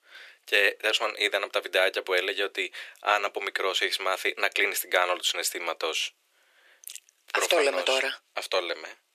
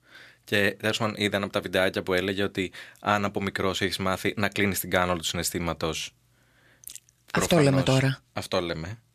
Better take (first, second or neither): second